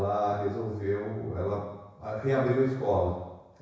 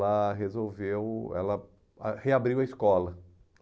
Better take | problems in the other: second | room echo; dies away in 1.1 s

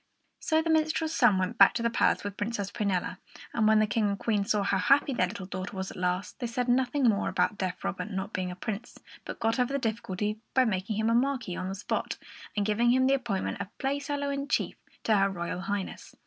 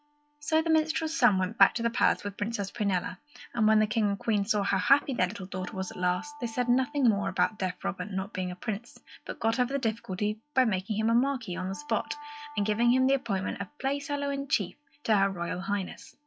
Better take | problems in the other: first | noise reduction (classical method log-MMSE)

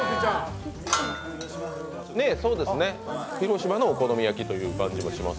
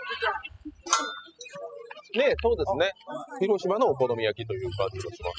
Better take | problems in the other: first | noise reduction (classical method spectral subtraction)

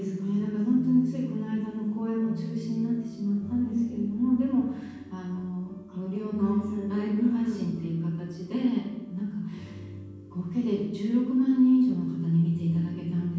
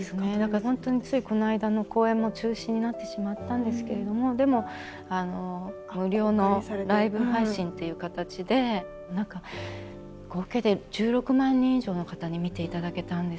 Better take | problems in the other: second | room echo; dies away in 1.2 s

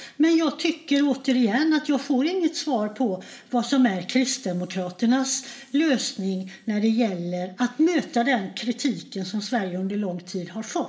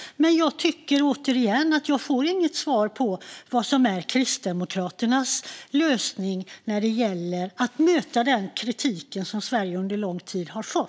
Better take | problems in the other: second | room echo; dies away in 1.1 s

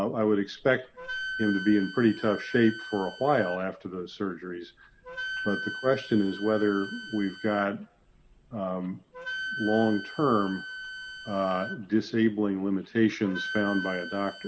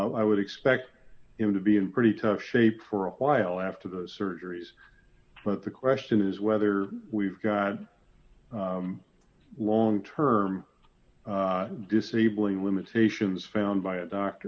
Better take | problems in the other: second | background sound (Wind instrument, woodwind instrument); 11 dB below the speech

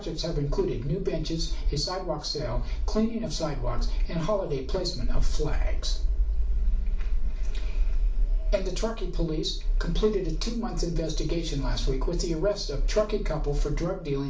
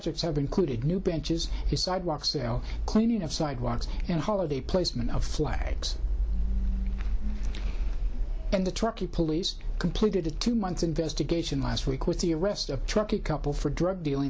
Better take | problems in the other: second | room echo; dies away in 0.4 s

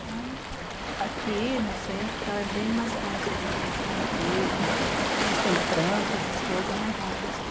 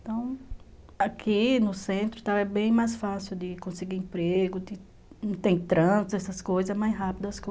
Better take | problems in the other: second | background sound (Waves, surf); 3 dB above the speech

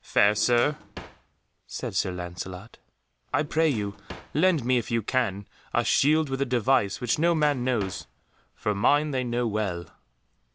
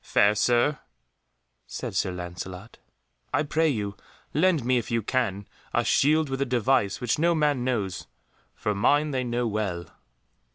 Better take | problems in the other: second | background sound (Drawer open or close); 18 dB below the speech

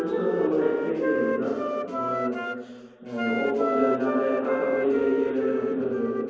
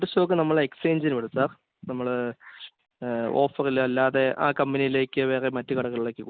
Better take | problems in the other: second | background sound (Wind instrument, woodwind instrument); 4 dB below the speech // room echo; dies away in 2.2 s

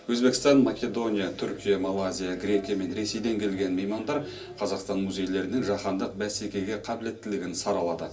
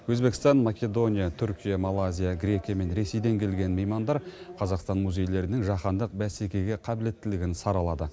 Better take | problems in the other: second | room echo; dies away in 0.3 s

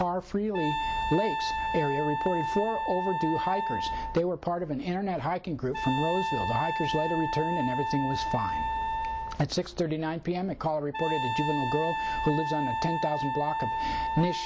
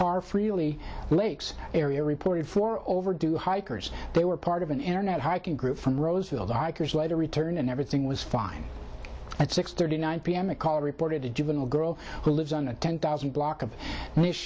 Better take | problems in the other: second | background sound (Wind instrument, woodwind instrument); 2 dB below the speech

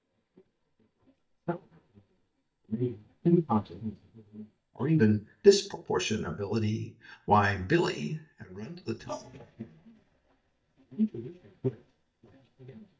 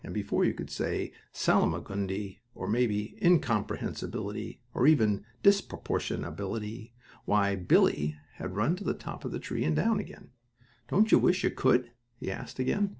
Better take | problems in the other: second | noise reduction (neural mask model DeepFilterNet 3)

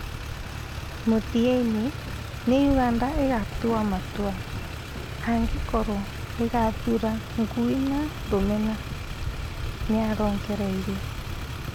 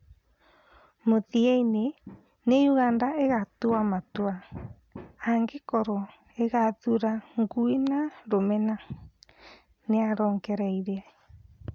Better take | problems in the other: second | background sound (Motor vehicle (road)); 5 dB below the speech

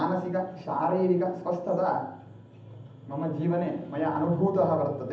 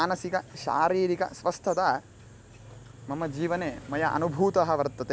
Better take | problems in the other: second | room echo; dies away in 0.8 s

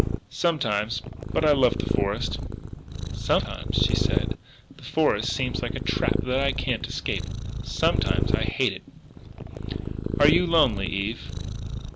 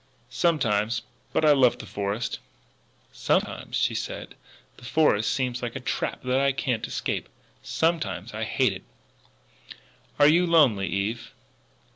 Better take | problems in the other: second | background sound (Purr); 1 dB below the speech

